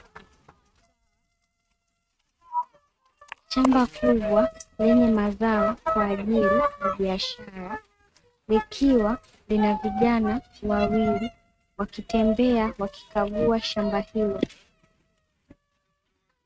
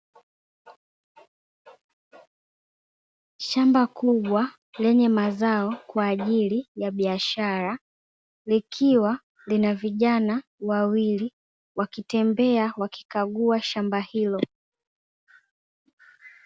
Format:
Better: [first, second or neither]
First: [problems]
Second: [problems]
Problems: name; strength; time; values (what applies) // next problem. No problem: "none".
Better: second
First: noise reduction (neural mask model RNNoise)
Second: none